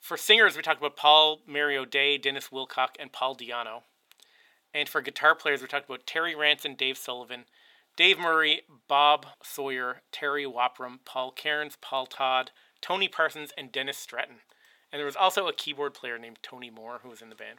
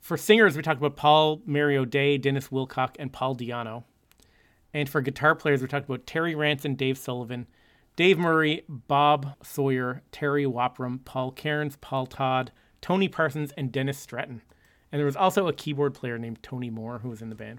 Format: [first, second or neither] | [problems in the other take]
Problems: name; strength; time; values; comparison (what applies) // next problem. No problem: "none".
second | thin; very; fading below 600 Hz